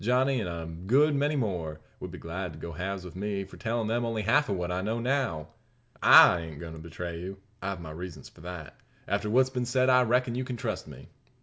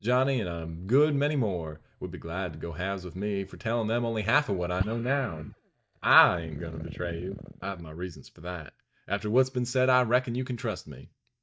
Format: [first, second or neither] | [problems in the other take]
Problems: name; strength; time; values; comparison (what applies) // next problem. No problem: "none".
first | noise reduction (neural mask model DeepFilterNet 3)